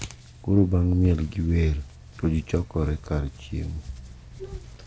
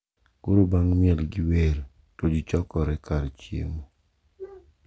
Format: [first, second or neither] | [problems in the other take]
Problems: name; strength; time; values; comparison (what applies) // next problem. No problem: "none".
second | background sound (Tearing); 16 dB below the speech